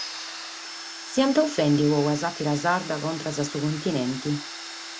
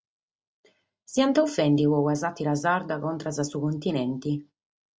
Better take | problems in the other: second | background sound (Domestic sounds, home sounds); 11 dB below the speech

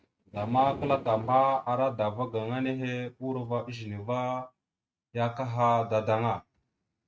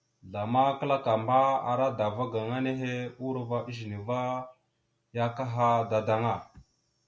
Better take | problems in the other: second | noise reduction (neural mask model RNNoise)

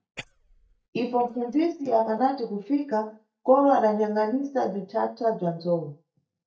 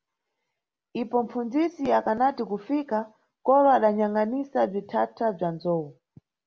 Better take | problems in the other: second | noise reduction (neural mask model DeepFilterNet 3)

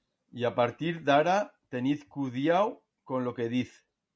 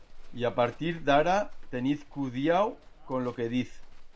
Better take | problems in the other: first | background sound (Livestock, farm animals, working animals); 12 dB below the speech

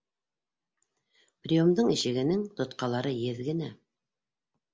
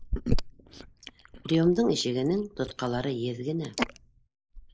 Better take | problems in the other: first | noise reduction (neural mask model Resemble Enhance denoiser)

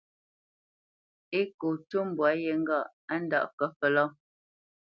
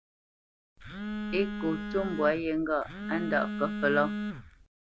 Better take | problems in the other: first | background sound (Telephone); 4 dB below the speech

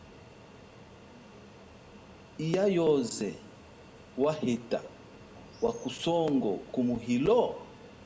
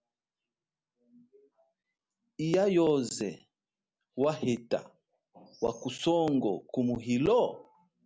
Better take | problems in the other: second | background sound (Fixed-wing aircraft, airplane); 20 dB below the speech // room echo; dies away in 0.8 s

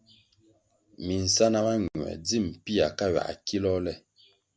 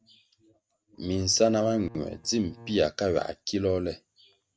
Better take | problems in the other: first | noise reduction (neural mask model RNNoise)

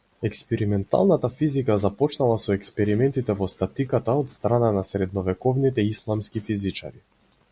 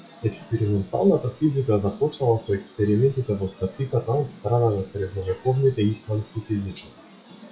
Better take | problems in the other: first | noise reduction (classical method WPE with log-MMSE)

